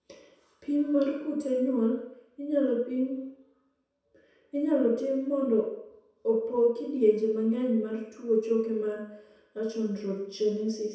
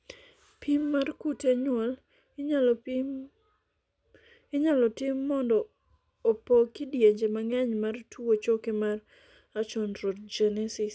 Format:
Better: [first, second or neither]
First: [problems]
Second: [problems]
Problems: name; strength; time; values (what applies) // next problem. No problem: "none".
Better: second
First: room echo; dies away in 0.7 s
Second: none